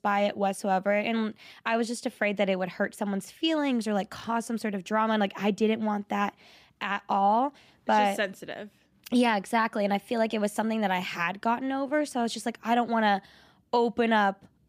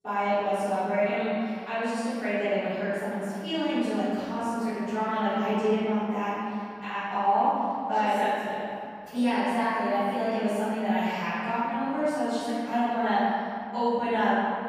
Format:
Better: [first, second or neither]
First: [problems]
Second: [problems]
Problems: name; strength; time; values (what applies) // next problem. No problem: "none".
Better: first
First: none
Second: room echo; strong; dies away in 2.4 s // off-mic speech; far